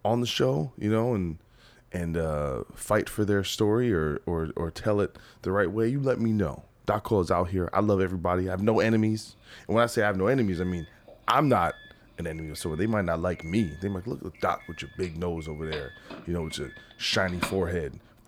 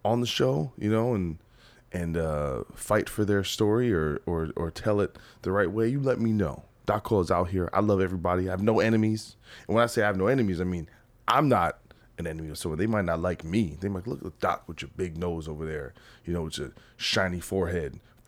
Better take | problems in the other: second | doorbell; noticeable; from 15 to 18 s; peak 6 dB below the speech

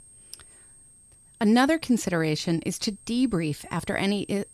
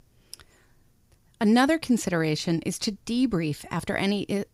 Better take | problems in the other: second | high-pitched whine; faint; throughout; 8.5 kHz, 25 dB below the speech

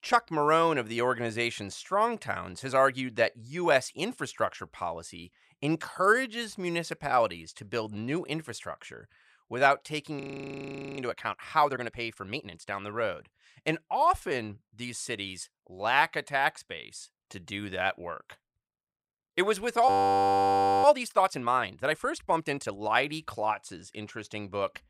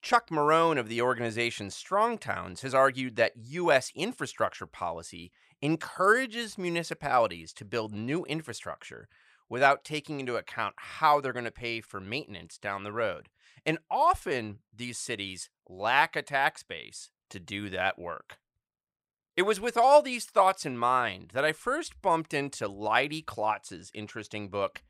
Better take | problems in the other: second | audio freezing; at 10 s for 1 s and at 20 s for 1 s

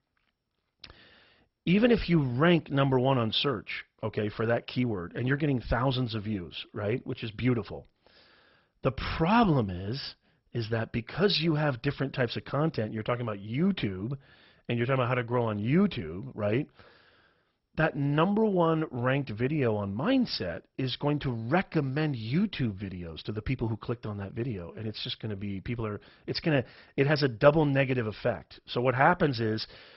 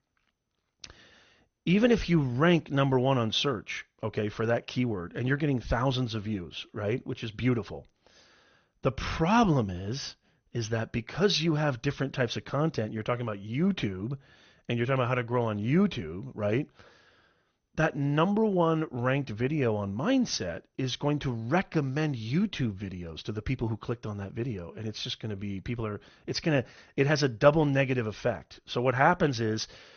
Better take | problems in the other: second | garbled, watery; badly; nothing above 5.5 kHz; slightly in the second

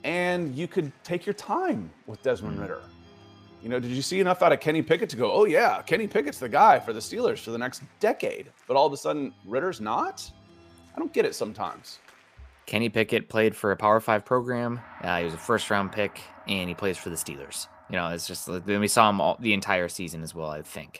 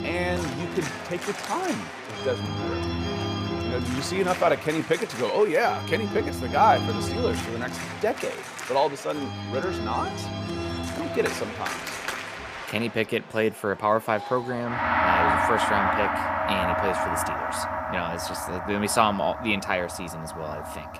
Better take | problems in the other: first | background music; loud; throughout; 2 dB below the speech; faint in the first

